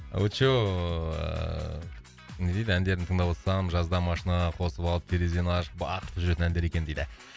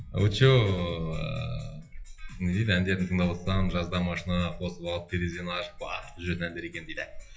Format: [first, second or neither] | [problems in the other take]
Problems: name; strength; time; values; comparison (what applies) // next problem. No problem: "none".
first | noise reduction (classical method WPE with log-MMSE)